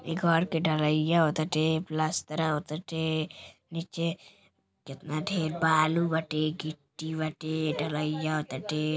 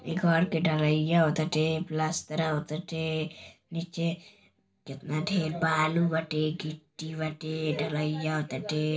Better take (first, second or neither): first